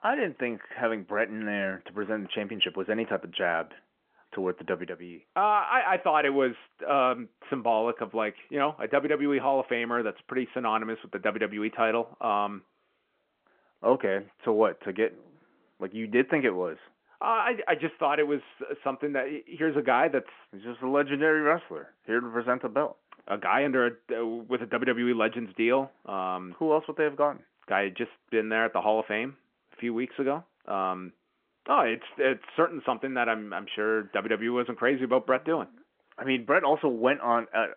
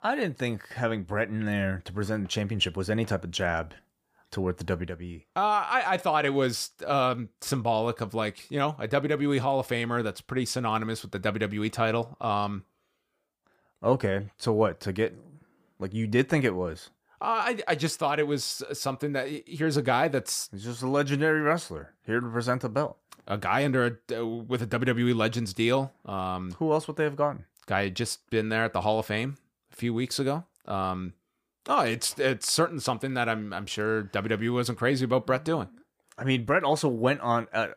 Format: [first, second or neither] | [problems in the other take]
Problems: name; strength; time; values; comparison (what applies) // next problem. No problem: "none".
second | phone-call audio